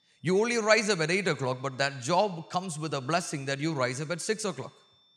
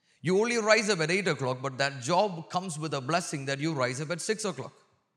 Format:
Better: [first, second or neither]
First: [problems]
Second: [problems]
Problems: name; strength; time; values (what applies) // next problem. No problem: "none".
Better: second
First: high-pitched whine; faint; throughout; 3.5 kHz, 35 dB below the speech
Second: none